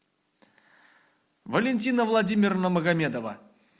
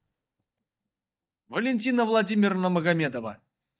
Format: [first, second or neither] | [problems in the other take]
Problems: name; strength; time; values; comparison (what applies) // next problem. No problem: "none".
first | noise reduction (neural mask model DeepFilterNet 3)